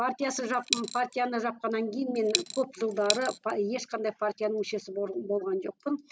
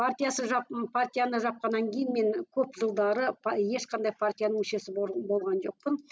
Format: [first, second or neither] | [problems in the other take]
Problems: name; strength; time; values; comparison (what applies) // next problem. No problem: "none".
second | background sound (Coin (dropping)); 4 dB below the speech